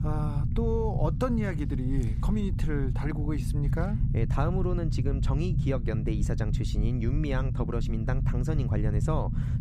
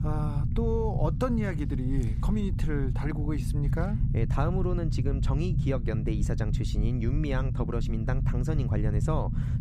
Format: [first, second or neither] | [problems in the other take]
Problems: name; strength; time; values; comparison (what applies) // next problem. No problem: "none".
neither | low rumble; loud; throughout; 7 dB below the speech; the same in both